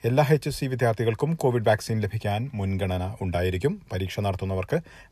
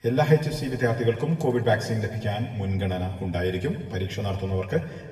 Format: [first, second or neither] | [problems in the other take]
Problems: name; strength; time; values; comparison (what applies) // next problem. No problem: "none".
first | room echo; slight; dies away in 1.5 s // off-mic speech; somewhat distant